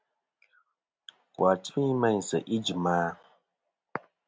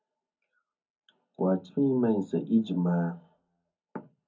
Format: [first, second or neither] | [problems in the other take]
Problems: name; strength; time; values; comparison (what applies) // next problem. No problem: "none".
first | room echo; dies away in 0.4 s